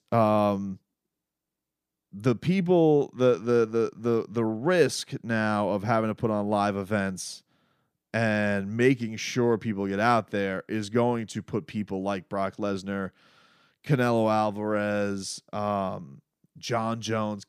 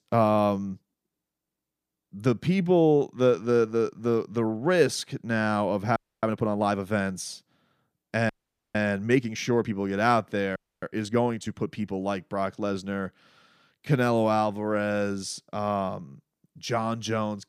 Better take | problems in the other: first | audio freezing; at 6 s, at 8.5 s and at 11 s

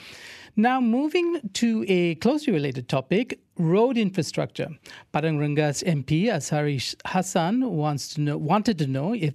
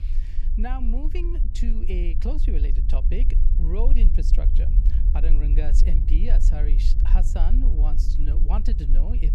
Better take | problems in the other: first | low rumble; loud; throughout; 6 dB below the speech

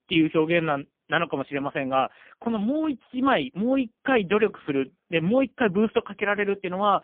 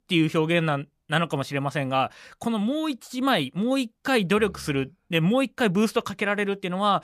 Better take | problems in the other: second | phone-call audio; poor line; nothing above 3.5 kHz

